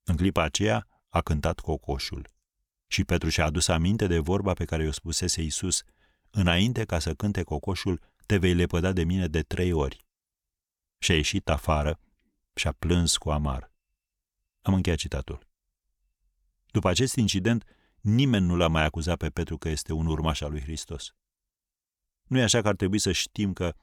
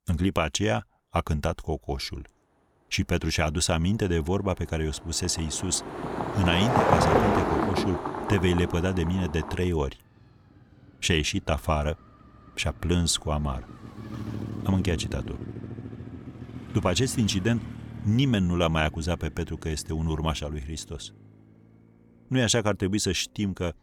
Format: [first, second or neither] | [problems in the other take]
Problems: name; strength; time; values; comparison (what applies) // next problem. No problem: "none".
first | traffic noise; loud; throughout; 4 dB below the speech